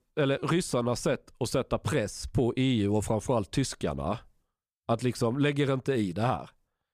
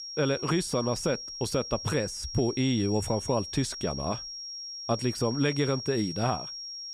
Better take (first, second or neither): first